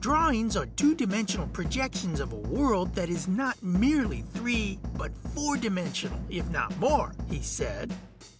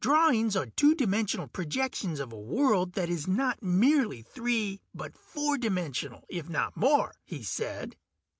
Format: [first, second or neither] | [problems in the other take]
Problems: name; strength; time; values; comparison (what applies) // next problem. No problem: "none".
second | background sound (Drum / Drum kit); 7 dB below the speech